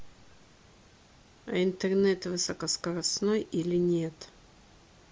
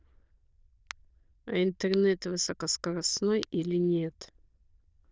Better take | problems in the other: first | noise reduction (neural diffusion model UNIVERSE++)

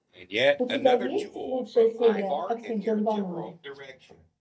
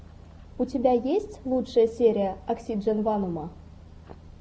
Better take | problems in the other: second | noise reduction (neural mask model DeepFilterNet 3)

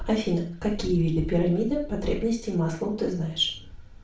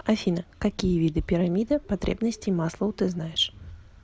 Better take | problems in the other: second | room echo; dies away in 0.4 s

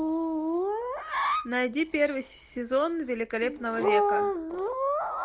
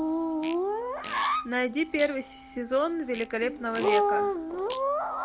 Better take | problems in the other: first | background sound (Fart + Wind instrument, woodwind instrument); 18 dB below the speech

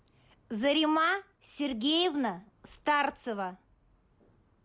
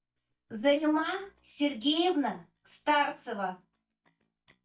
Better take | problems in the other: first | noise reduction (neural mask model DeepFilterNet 3)

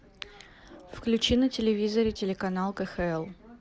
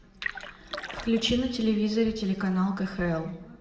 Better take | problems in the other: first | background sound (Splash, splatter); 10 dB below the speech // room echo; dies away in 0.8 s

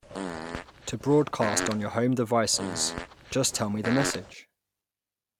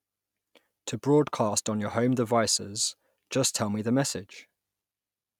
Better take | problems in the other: second | background sound (Fart); 7 dB below the speech

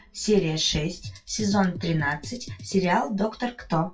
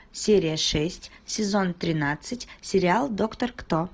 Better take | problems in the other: second | noise reduction (classical method WPE with log-MMSE)

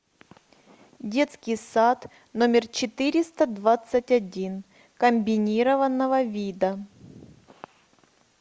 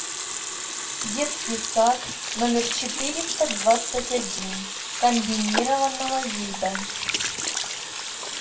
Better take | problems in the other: first | background sound (Sink (filling or washing) / Water tap, faucet); 2 dB below the speech // room echo; dies away in 0.2 s

